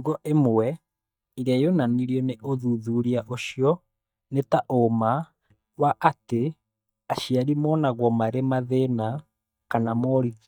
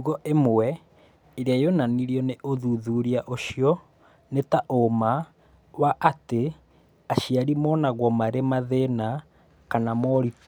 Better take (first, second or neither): second